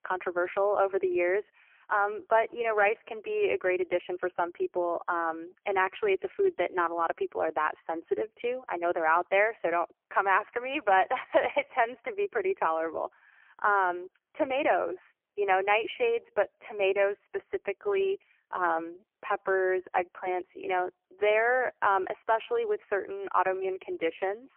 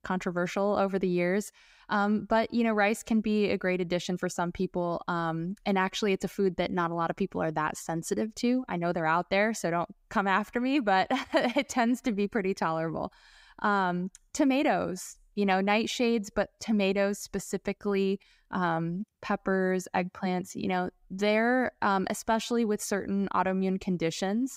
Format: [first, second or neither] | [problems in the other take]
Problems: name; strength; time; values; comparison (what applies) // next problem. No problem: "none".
second | phone-call audio; poor line; nothing above 3 kHz